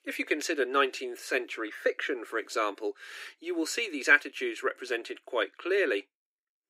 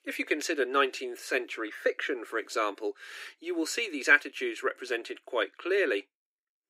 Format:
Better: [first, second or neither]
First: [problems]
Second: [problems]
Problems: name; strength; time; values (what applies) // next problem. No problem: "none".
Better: neither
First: thin; somewhat; fading below 300 Hz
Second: thin; somewhat; fading below 300 Hz